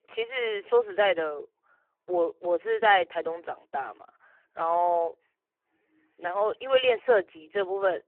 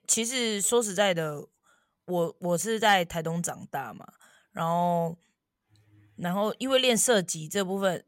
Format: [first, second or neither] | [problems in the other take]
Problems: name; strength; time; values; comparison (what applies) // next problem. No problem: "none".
second | phone-call audio; poor line